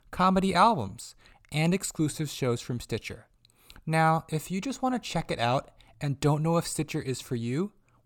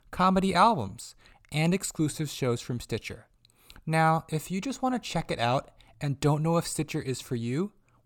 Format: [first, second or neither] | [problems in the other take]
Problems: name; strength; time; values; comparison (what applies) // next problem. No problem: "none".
neither | none